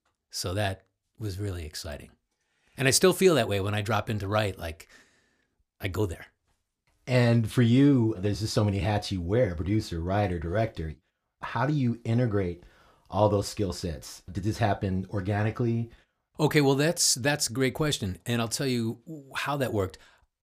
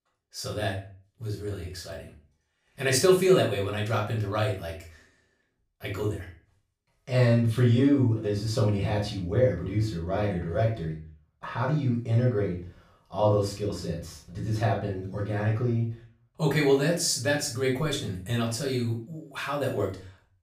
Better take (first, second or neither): first